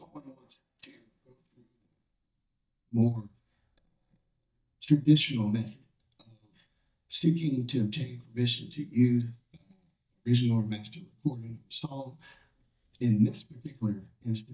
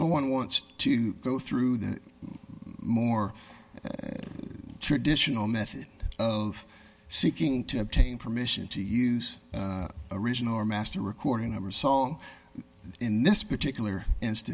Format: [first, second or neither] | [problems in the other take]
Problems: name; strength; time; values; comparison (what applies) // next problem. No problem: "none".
second | noise reduction (neural mask model DeepFilterNet 3)